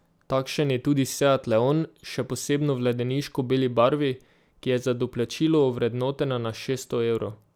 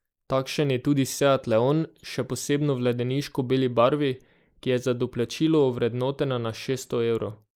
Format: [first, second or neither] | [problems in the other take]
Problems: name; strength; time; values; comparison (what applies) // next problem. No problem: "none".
first | noise reduction (neural mask model Resemble Enhance denoiser)